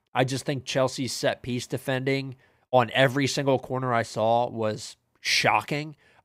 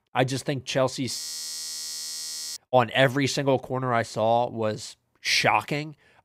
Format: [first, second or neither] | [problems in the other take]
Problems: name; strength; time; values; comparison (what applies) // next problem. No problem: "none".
first | audio freezing; at 1 s for 1.5 s